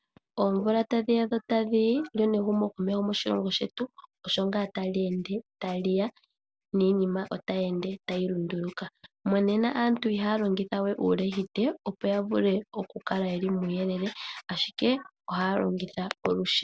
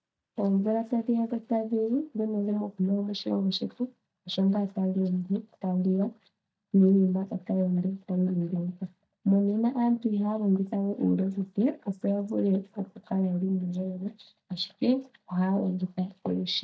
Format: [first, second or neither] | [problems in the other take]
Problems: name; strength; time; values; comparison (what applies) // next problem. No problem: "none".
first | noise reduction (neural mask model DeepFilterNet 3)